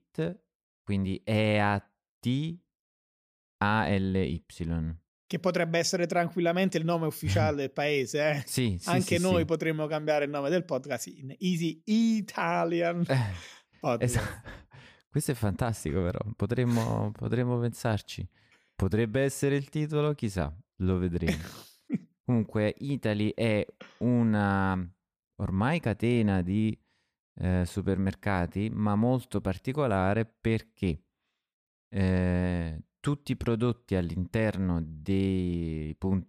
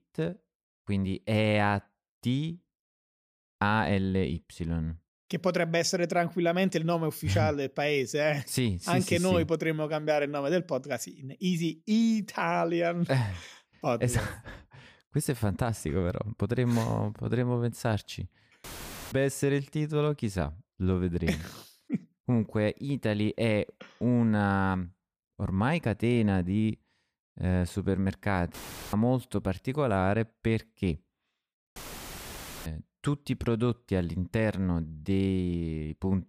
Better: first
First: none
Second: audio cutting out; filled with static; at 19 s, at 29 s and at 32 s for 1 s

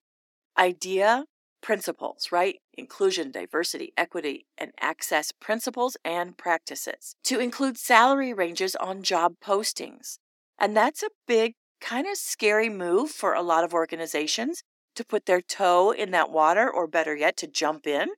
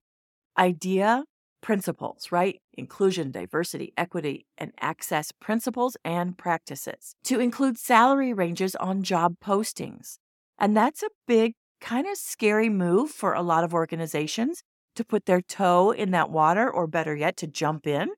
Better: second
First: thin; somewhat; fading below 300 Hz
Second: none

